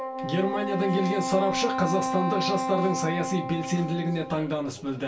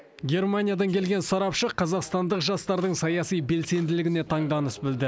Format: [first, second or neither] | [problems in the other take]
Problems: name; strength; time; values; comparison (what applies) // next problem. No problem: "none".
second | background sound (Wind instrument, woodwind instrument); 4 dB below the speech // room echo; dies away in 0.2 s